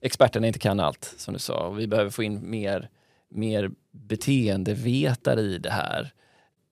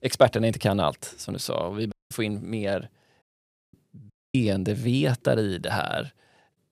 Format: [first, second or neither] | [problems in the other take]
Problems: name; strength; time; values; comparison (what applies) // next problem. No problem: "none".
first | audio cutting out; at 2 s, at 3 s for 0.5 s and at 4 s